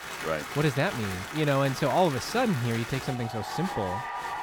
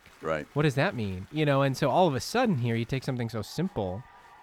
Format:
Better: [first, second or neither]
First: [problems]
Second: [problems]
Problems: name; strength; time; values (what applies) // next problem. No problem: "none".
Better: second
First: crowd noise; loud; throughout; 7 dB below the speech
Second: crowd noise; faint; throughout; 25 dB below the speech